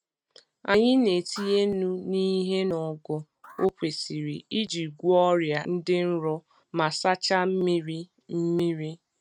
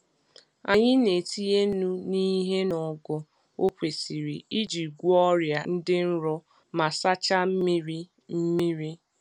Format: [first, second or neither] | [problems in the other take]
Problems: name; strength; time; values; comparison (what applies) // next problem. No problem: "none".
second | noise reduction (neural mask model RNNoise)